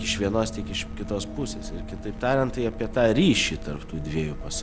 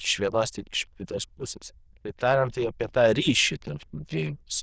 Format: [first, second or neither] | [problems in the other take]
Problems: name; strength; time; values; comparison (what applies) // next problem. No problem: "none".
first | noise reduction (neural diffusion model UNIVERSE++)